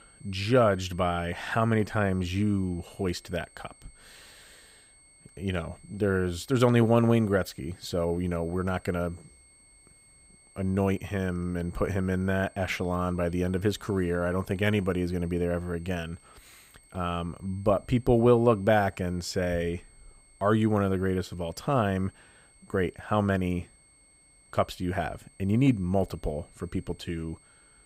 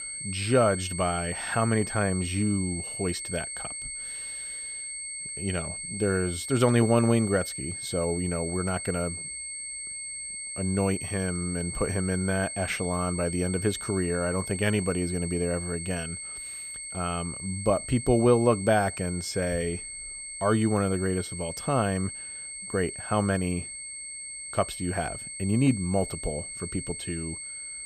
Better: first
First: high-pitched whine; faint; throughout; 8.5 kHz, 30 dB below the speech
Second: high-pitched whine; loud; throughout; 8.5 kHz, 6 dB below the speech

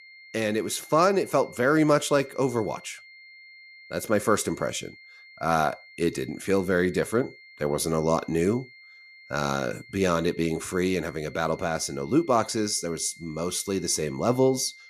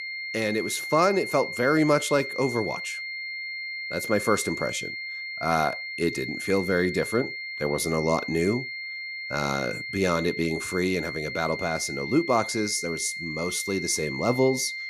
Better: first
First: high-pitched whine; faint; throughout; 2 kHz, 20 dB below the speech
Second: high-pitched whine; loud; throughout; 2 kHz, 6 dB below the speech

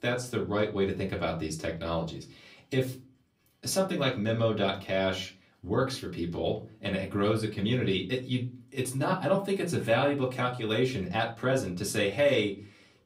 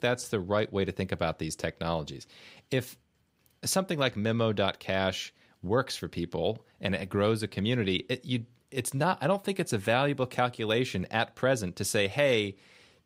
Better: second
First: off-mic speech; far // room echo; very slight; dies away in 0.3 s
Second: none

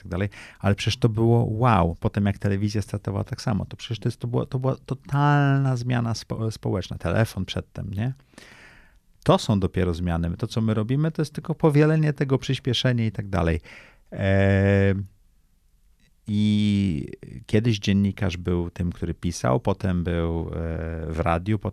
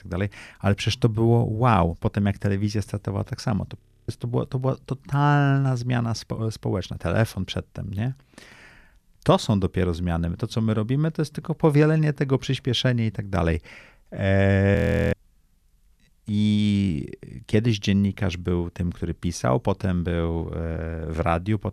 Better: first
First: none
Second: audio freezing; at 4 s and at 15 s

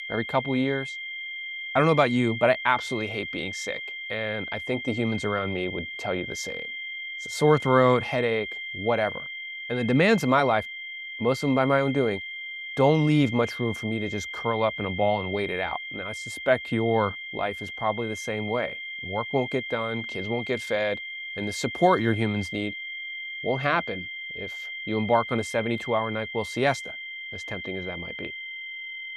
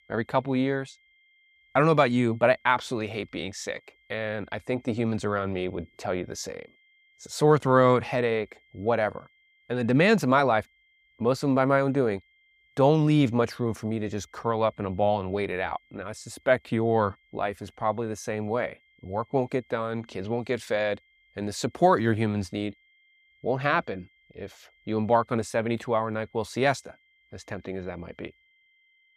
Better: second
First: high-pitched whine; loud; throughout; 2 kHz, 7 dB below the speech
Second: high-pitched whine; faint; throughout; 2 kHz, 35 dB below the speech

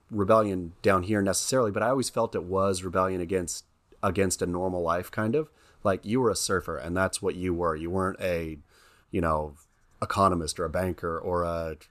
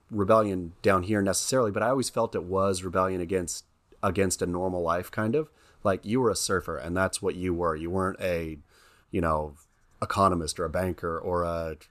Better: neither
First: none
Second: none

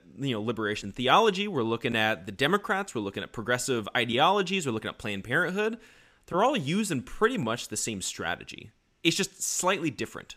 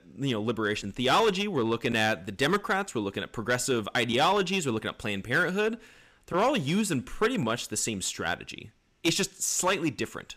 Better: first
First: none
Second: distortion; slight; 4% of the sound clipped

